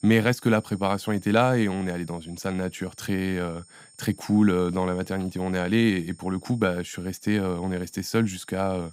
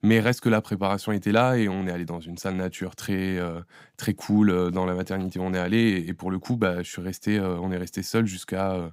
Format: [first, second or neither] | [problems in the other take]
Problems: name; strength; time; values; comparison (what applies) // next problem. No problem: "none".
second | high-pitched whine; faint; throughout; 8.5 kHz, 25 dB below the speech